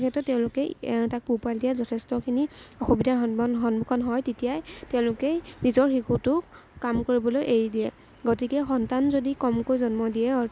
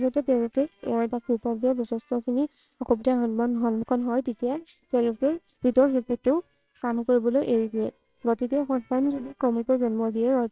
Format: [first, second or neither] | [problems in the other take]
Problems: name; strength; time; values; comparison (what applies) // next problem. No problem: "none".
first | noise reduction (neural separator model SepFormer WHAMR!)